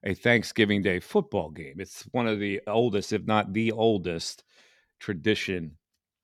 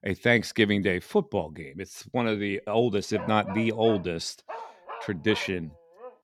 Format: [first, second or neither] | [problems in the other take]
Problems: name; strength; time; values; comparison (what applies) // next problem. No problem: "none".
first | dog barking; faint; from 3 s on; peak 10 dB below the speech